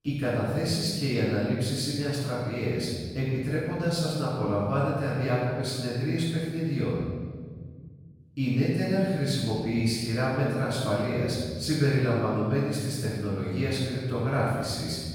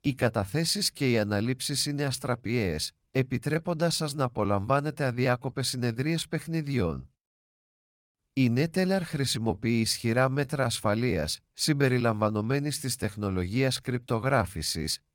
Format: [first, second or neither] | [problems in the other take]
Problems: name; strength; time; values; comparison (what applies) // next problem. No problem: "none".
second | off-mic speech; far // room echo; strong; dies away in 1.6 s